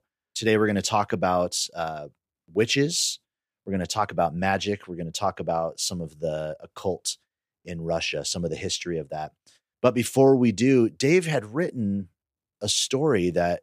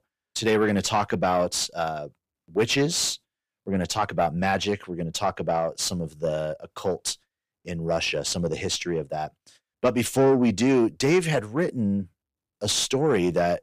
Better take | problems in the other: first | distortion; slight; 10 dB below the speech

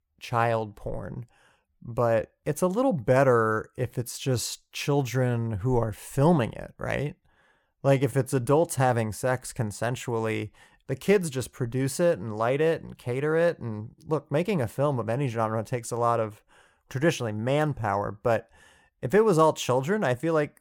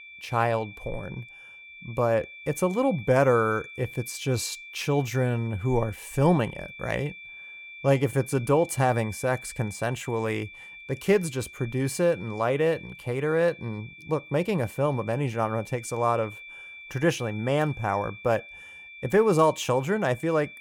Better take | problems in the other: first | high-pitched whine; noticeable; throughout; 2.5 kHz, 15 dB below the speech

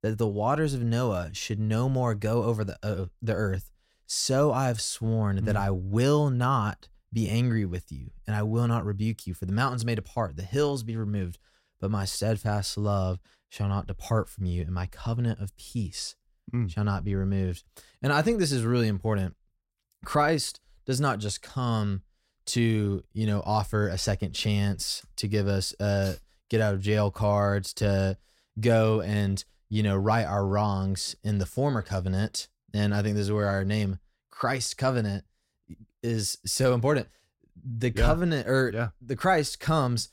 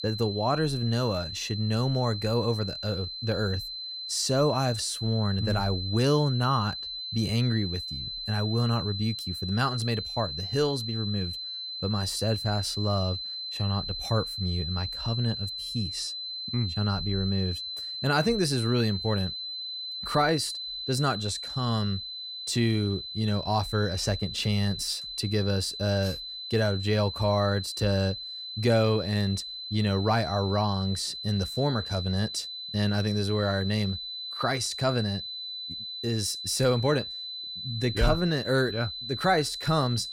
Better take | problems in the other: first | high-pitched whine; loud; throughout; 4 kHz, 6 dB below the speech

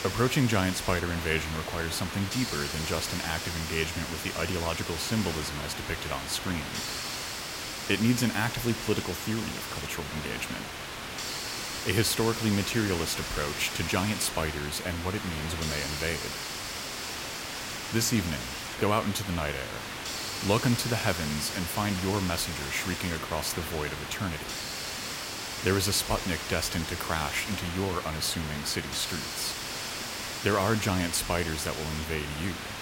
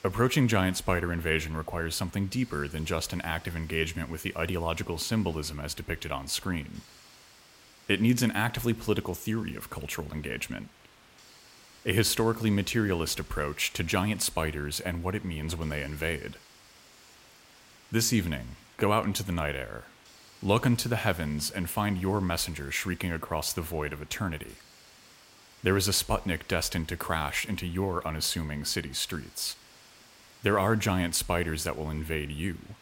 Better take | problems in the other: second | hiss; loud; throughout; 4 dB below the speech; faint in the second

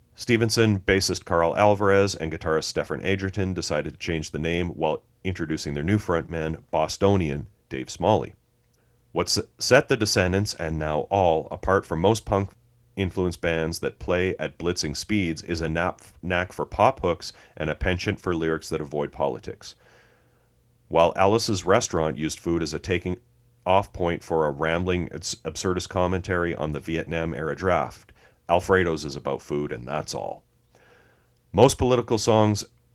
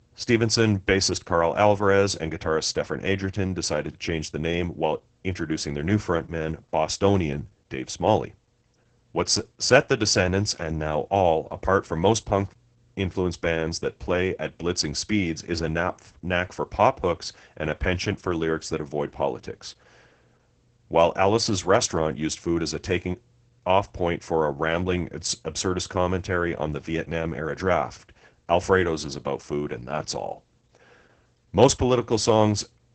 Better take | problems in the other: first | garbled, watery; badly; nothing above 8 kHz; slightly in the first

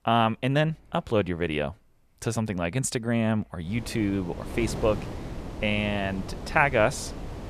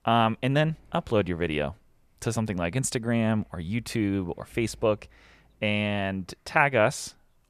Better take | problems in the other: second | wind noise on the microphone; occasional gusts; from 3.5 s on; 15 dB below the speech

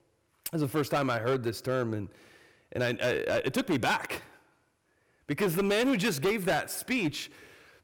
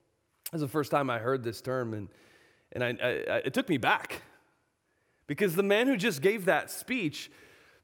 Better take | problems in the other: second | distortion; heavy; 9% of the sound clipped

